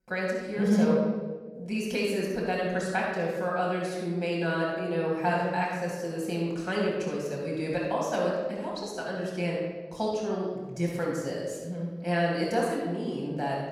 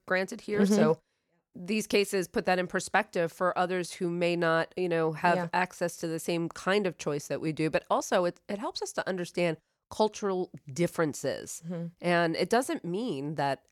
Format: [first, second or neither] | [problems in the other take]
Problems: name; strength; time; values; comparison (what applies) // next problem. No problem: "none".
second | off-mic speech; far // room echo; strong; dies away in 1.2 s